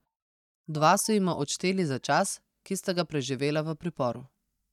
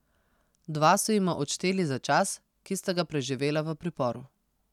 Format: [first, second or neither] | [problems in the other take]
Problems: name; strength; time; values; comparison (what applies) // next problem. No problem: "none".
second | noise reduction (neural mask model DeepFilterNet 3)